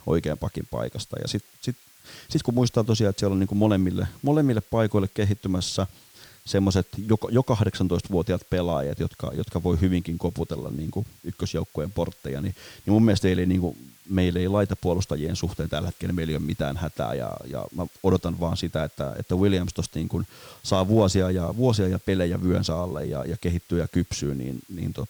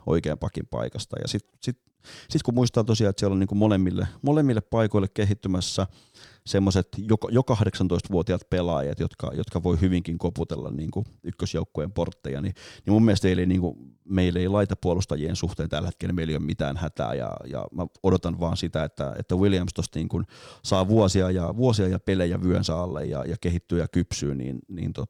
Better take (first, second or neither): second